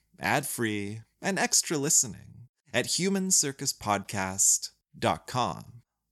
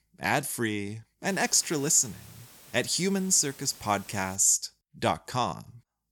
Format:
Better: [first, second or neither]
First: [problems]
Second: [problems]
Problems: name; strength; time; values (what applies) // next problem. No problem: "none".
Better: first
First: none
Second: hiss; faint; from 1.5 to 4.5 s; 20 dB below the speech